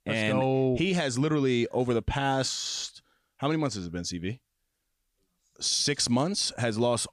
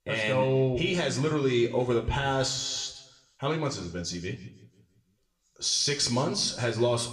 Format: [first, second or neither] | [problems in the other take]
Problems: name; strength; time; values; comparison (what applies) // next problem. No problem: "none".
first | room echo; slight; dies away in 0.7 s // off-mic speech; somewhat distant